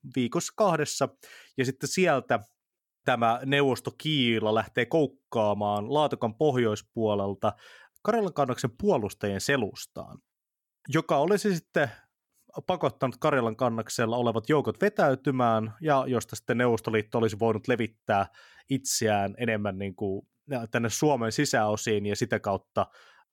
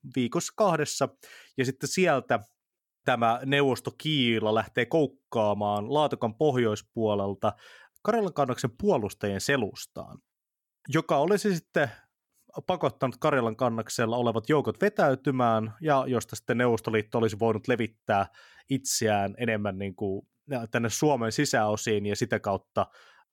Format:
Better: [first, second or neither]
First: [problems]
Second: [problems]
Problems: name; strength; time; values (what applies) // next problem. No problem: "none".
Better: neither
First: none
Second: none